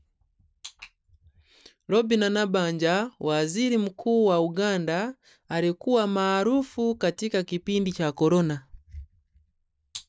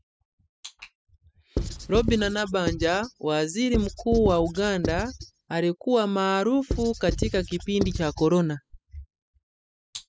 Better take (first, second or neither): first